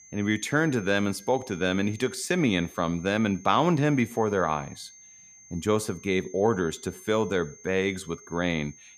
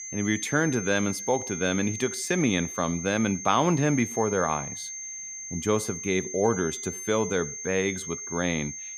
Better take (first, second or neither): first